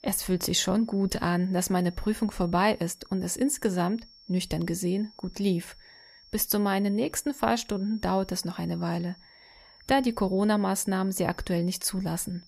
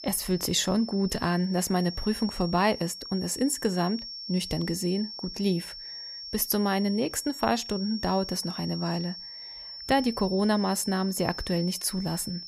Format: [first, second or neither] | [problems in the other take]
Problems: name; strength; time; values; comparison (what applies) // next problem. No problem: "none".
first | high-pitched whine; loud; throughout; 5.5 kHz, 10 dB below the speech; faint in the first